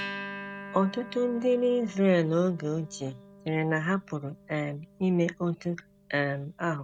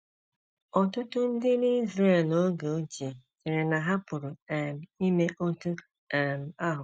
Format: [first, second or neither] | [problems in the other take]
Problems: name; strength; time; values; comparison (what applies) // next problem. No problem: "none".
second | background sound (Acoustic guitar); 16 dB below the speech